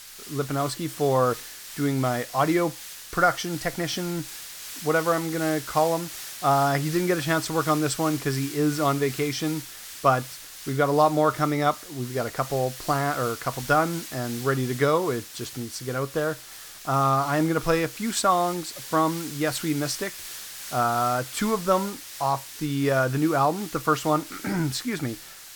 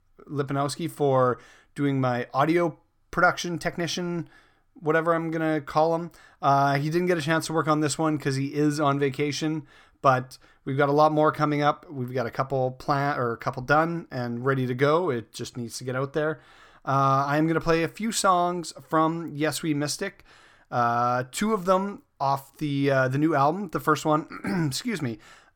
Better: second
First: hiss; noticeable; throughout; 10 dB below the speech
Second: none

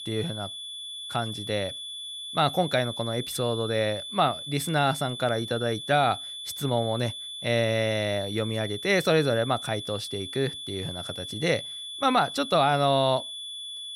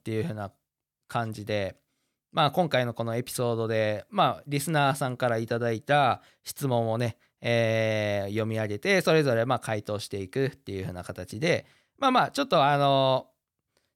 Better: second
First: high-pitched whine; loud; throughout; 3.5 kHz, 8 dB below the speech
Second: none

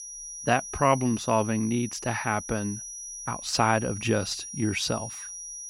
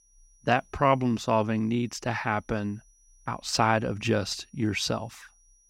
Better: second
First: high-pitched whine; loud; throughout; 6 kHz, 10 dB below the speech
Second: high-pitched whine; faint; throughout; 6 kHz, 35 dB below the speech

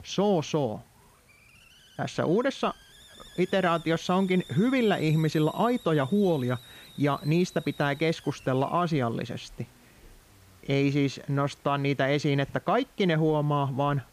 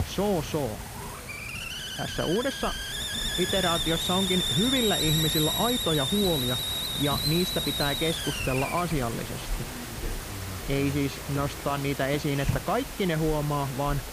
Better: first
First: hiss; faint; throughout; 25 dB below the speech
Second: hiss; loud; throughout; 1 dB below the speech

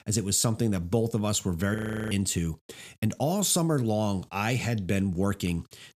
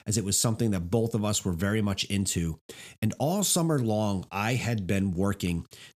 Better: second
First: audio freezing; at 2 s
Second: none

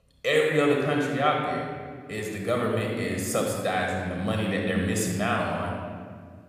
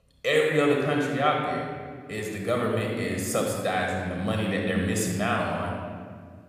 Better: neither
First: off-mic speech; somewhat distant // room echo; noticeable; dies away in 1.8 s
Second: off-mic speech; somewhat distant // room echo; noticeable; dies away in 1.8 s

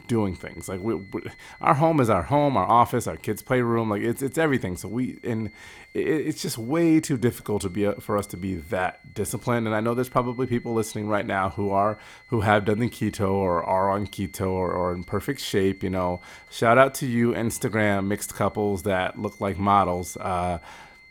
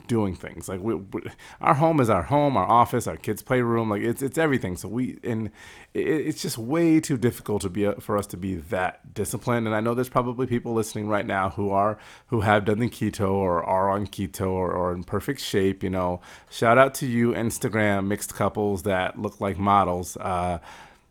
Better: second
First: high-pitched whine; faint; throughout; 2 kHz, 25 dB below the speech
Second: none

